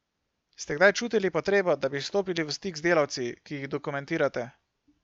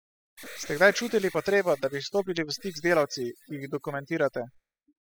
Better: first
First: none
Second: noise reduction (classical method spectral subtraction)

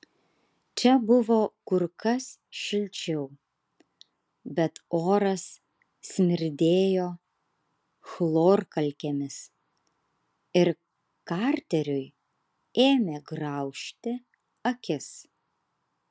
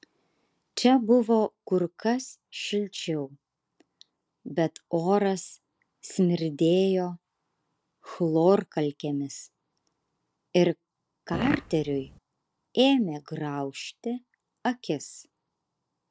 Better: first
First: none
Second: noise reduction (neural separator model SepFormer DNS4)

